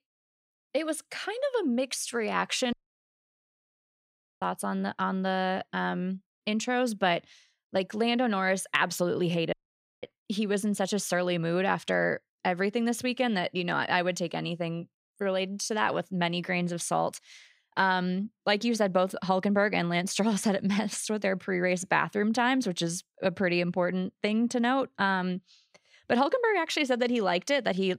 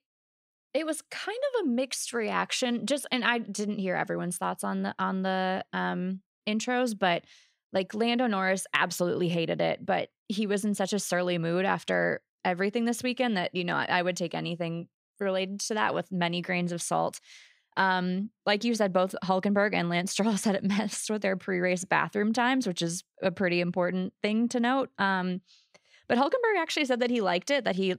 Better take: second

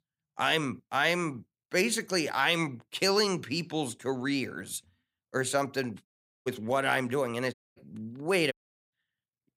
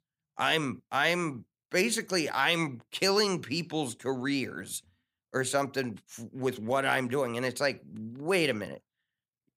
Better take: second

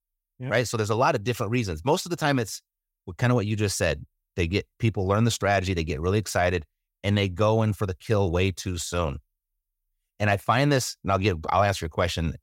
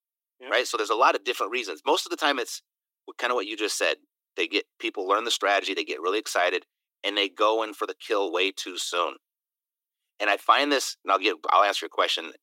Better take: first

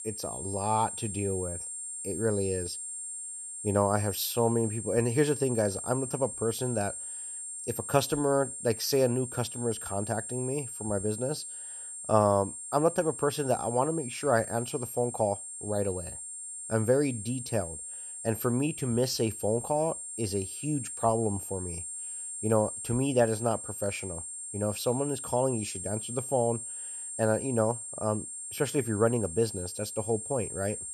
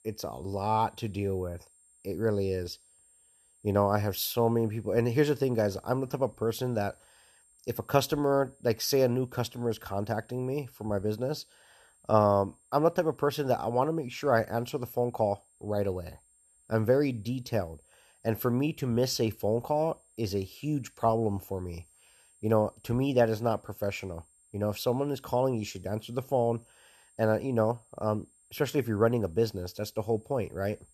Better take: second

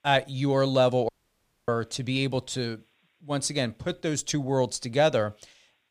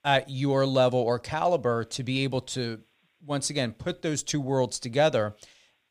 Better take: second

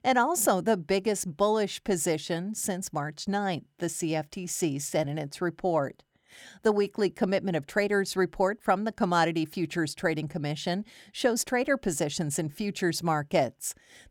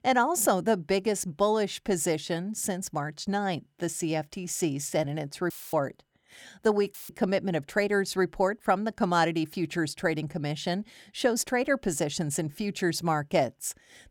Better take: first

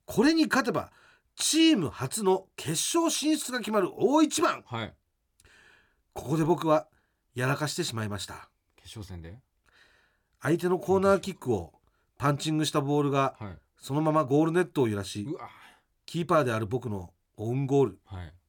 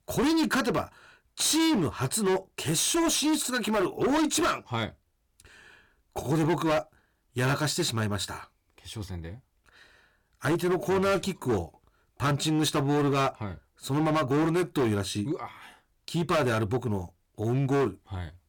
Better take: first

